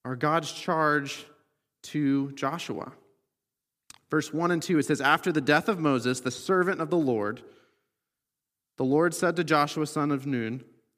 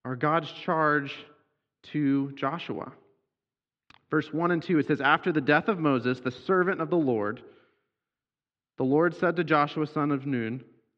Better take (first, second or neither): first